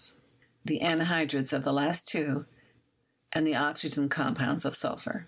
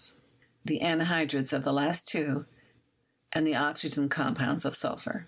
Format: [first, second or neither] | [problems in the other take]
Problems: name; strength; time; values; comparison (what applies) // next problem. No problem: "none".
second | noise reduction (neural mask model Resemble Enhance denoiser)